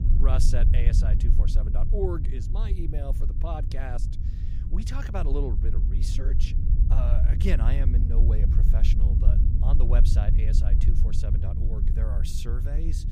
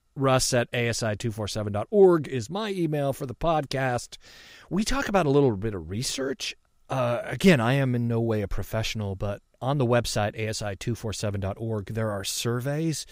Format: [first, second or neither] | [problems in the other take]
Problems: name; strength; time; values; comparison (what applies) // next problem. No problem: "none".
second | low rumble; loud; throughout; 4 dB below the speech